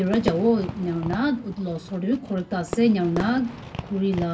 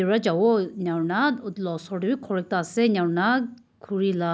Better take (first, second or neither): second